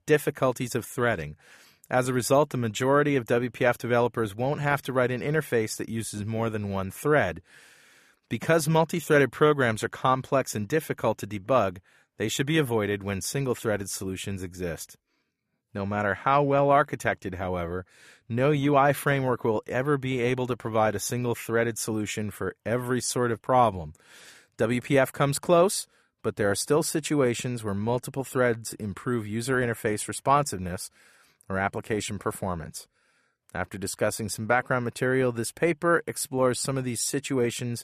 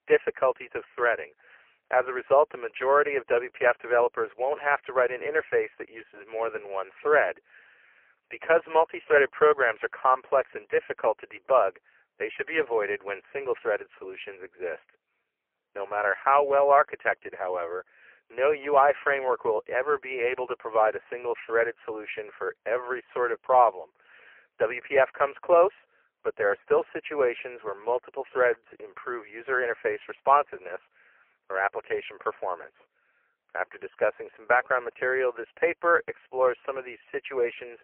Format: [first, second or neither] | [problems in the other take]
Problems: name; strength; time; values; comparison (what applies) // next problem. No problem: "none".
first | phone-call audio; poor line; nothing above 3 kHz